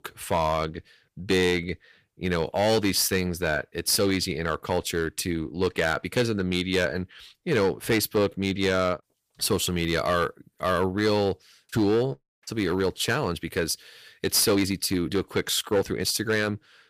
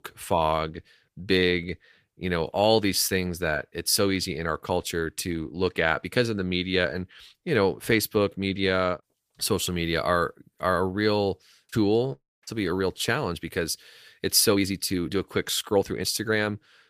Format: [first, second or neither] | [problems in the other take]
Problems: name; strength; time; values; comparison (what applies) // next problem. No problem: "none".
second | distortion; slight; 5% of the sound clipped